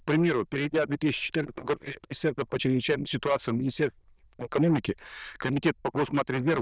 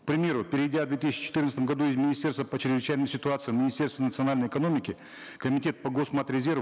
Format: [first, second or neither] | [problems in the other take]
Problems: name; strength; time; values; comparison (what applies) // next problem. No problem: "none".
second | noise reduction (neural diffusion model UNIVERSE++)